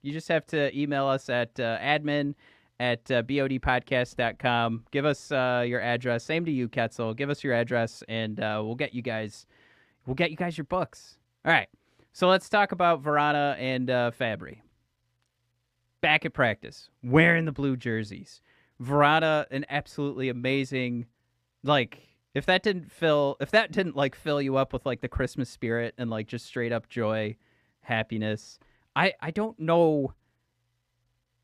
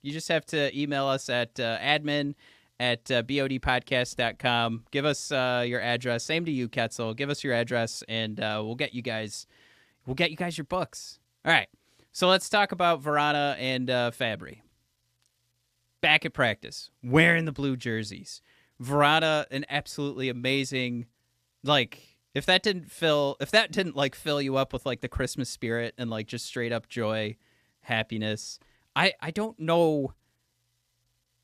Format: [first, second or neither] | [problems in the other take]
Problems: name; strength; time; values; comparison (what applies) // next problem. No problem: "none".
second | muffled; slightly; fading above 3 kHz